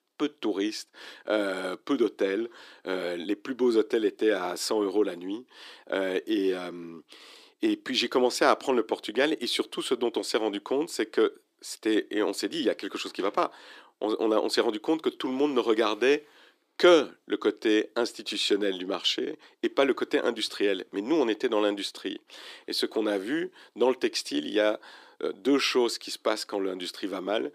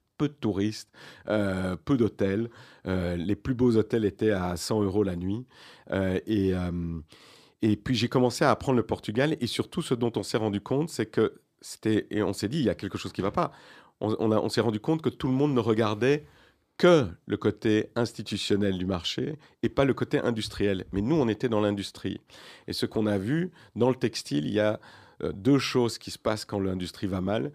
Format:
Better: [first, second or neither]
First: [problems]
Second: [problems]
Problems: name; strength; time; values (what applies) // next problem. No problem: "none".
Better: second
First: thin; somewhat; fading below 300 Hz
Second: none